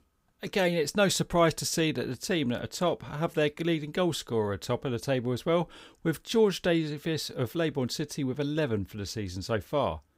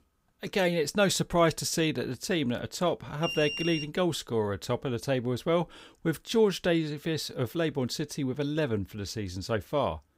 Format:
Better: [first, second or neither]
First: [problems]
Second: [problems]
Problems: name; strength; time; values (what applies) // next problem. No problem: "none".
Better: first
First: none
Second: alarm; noticeable; at 3 s; peak 3 dB below the speech